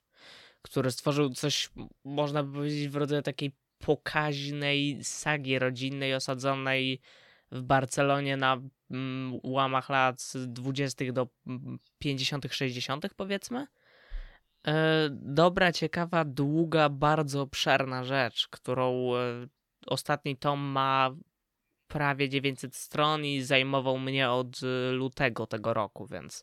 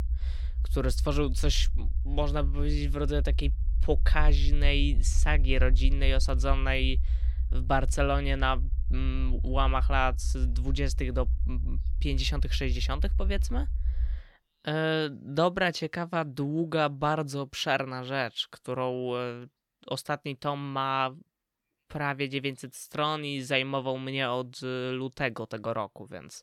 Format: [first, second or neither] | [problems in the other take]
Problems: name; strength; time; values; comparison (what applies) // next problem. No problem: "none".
first | low rumble; faint; until 14 s; 20 dB below the speech